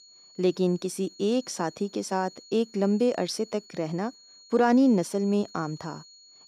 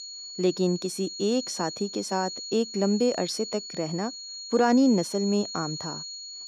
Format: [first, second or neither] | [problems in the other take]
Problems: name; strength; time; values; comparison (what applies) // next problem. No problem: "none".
first | high-pitched whine; loud; throughout; 4.5 kHz, 9 dB below the speech; faint in the first